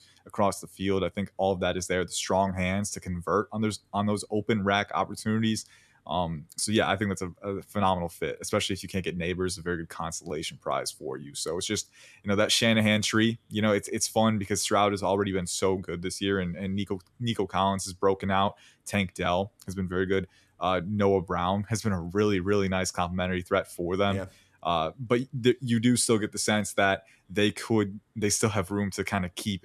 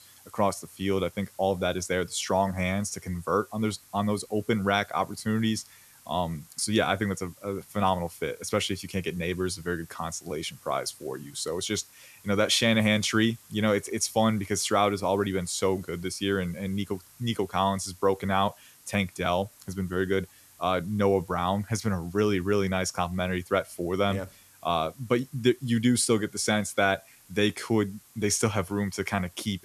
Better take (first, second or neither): first